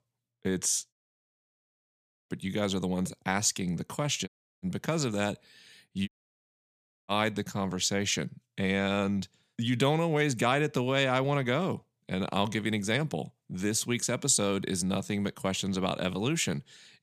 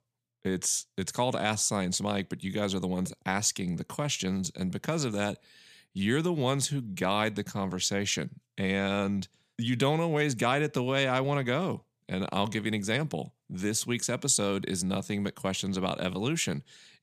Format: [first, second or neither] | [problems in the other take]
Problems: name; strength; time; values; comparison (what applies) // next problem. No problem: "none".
second | audio cutting out; at 1 s for 1.5 s, at 4.5 s and at 6 s for 1 s